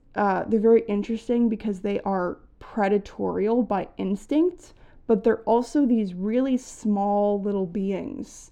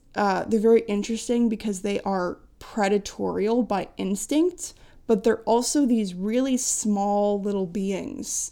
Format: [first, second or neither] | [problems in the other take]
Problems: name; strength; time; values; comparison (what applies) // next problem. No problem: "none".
second | muffled; very; fading above 3.5 kHz